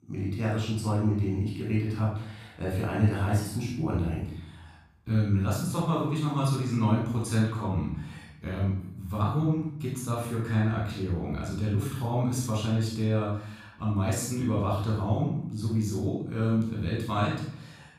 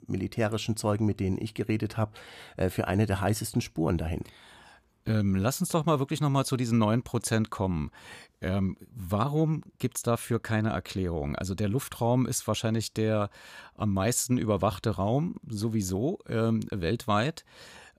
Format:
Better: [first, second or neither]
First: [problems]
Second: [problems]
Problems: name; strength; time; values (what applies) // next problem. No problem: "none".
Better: second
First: off-mic speech; far // room echo; noticeable; dies away in 0.7 s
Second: none